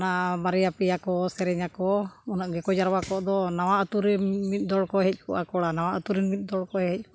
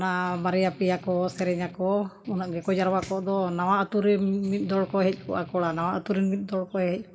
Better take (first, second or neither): first